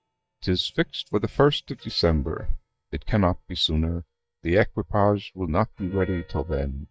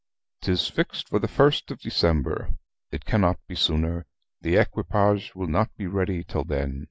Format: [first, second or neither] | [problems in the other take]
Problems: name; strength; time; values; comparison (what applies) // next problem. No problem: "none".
second | noise reduction (neural mask model DeepFilterNet 3)